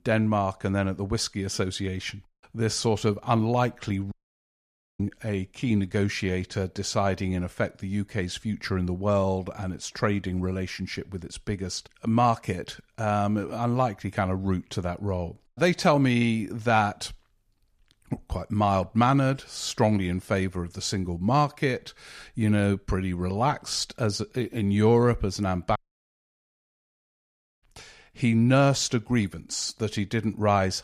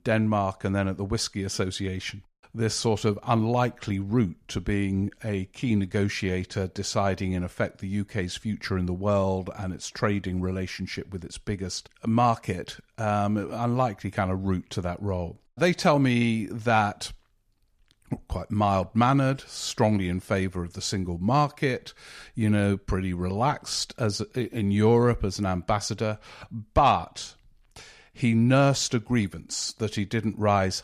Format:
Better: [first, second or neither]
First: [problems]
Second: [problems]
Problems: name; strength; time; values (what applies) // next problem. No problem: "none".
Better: second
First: audio cutting out; at 4 s for 1 s and at 26 s for 2 s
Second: none